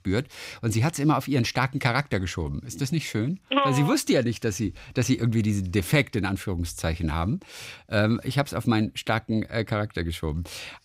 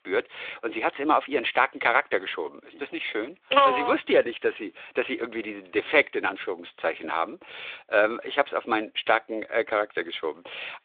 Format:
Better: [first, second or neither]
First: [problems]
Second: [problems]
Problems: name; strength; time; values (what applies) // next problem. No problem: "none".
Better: first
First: none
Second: phone-call audio